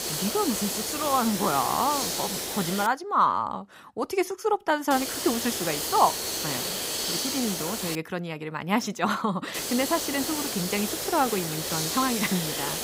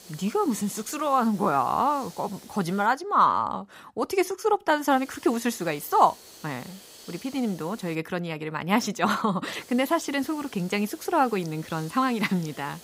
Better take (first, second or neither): second